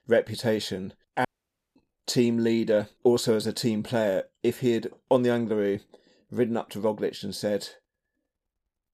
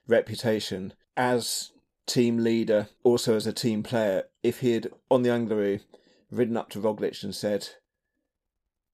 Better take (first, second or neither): second